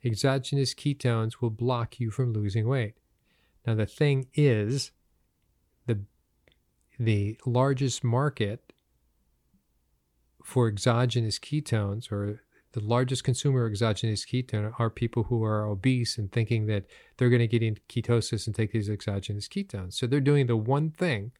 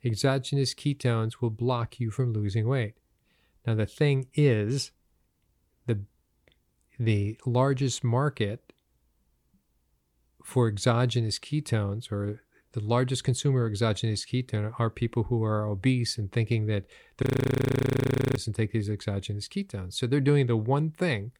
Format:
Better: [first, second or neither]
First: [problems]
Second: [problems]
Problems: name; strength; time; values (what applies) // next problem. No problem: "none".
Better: first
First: none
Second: audio freezing; at 17 s for 1 s